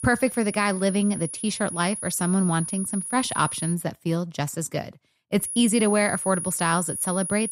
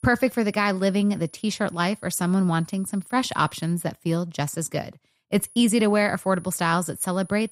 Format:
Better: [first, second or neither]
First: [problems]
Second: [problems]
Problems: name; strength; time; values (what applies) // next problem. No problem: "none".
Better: second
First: high-pitched whine; loud; until 3.5 s and from 5.5 s on; 10.5 kHz, 6 dB below the speech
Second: high-pitched whine; faint; until 3.5 s and from 5.5 s on; 10.5 kHz, 25 dB below the speech